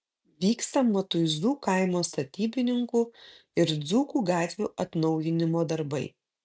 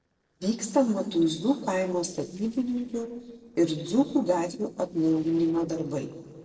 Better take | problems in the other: first | noise reduction (neural separator model SepFormer DNS4)

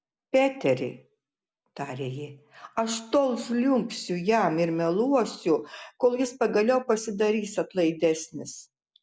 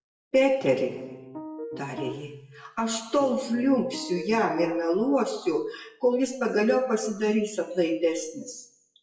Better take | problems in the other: first | noise reduction (classical method WPE with log-MMSE)

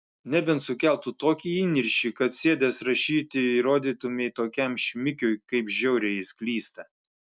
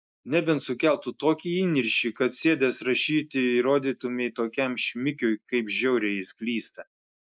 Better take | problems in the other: first | noise reduction (neural mask model Resemble Enhance denoiser)

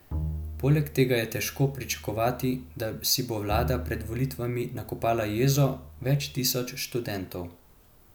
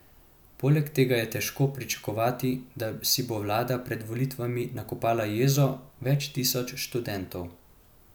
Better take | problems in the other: second | background sound (Bowed string instrument); 10 dB below the speech

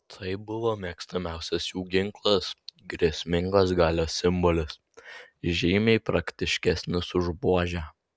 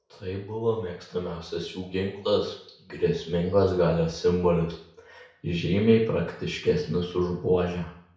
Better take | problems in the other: first | room echo; dies away in 0.6 s

